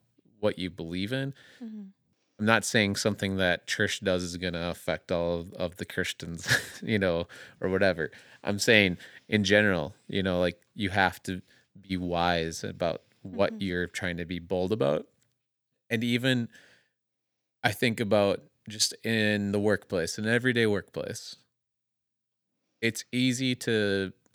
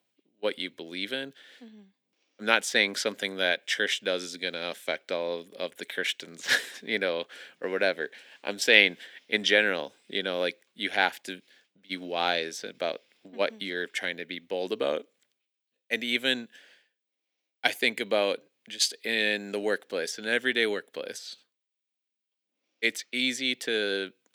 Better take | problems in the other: first | thin; somewhat; fading below 300 Hz

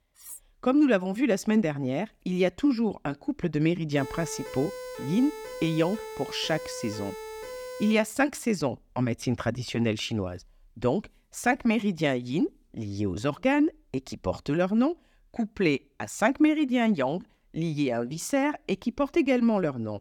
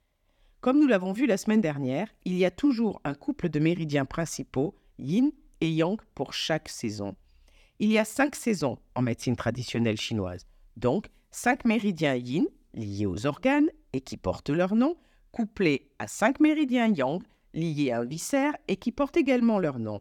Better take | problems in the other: second | clattering dishes; faint; at the start; peak 15 dB below the speech // siren; faint; from 4 to 8 s; peak 10 dB below the speech

